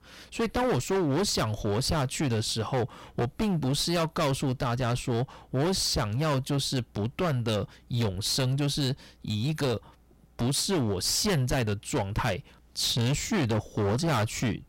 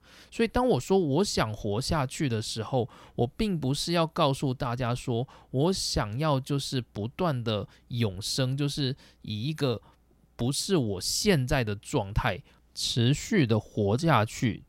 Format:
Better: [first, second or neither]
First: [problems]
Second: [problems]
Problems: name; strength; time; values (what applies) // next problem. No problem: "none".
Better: second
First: distortion; heavy; 20% of the sound clipped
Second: none